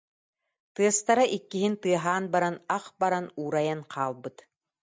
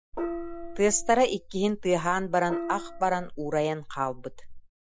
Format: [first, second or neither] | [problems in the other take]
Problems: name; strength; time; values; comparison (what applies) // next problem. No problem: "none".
first | noise reduction (classical method Wiener filter)